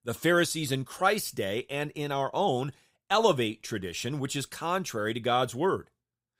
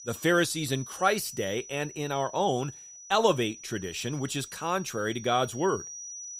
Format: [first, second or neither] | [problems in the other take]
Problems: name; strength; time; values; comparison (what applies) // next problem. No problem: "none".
first | high-pitched whine; noticeable; throughout; 6 kHz, 15 dB below the speech